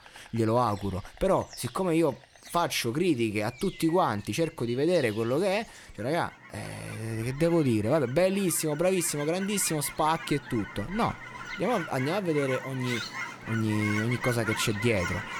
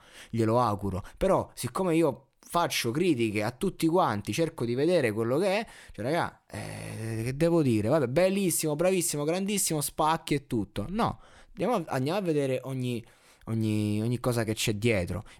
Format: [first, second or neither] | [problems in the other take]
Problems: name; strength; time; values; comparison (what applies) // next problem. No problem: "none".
second | animal sounds; noticeable; throughout; 10 dB below the speech